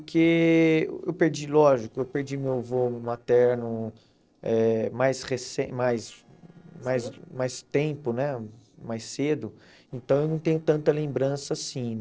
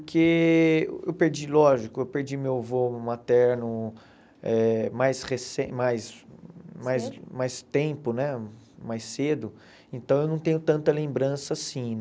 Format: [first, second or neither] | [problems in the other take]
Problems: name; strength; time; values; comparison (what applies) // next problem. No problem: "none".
second | noise reduction (neural separator model SepFormer DNS4)